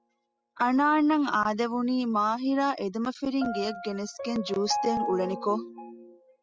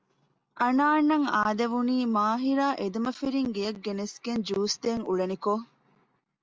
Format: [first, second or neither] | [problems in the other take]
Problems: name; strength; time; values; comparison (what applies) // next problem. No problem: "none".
second | noise reduction (classical method spectral subtraction)